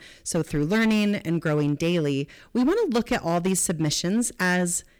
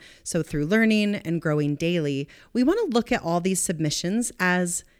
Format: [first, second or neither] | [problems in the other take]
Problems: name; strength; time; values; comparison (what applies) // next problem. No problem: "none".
second | distortion; slight; 10% of the sound clipped